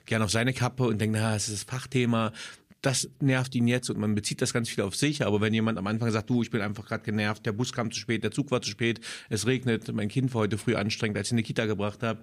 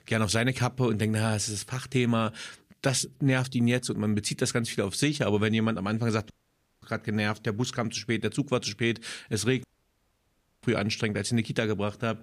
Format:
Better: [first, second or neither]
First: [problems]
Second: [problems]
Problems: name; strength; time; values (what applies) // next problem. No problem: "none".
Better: first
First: none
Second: audio cutting out; at 6.5 s for 0.5 s and at 9.5 s for 1 s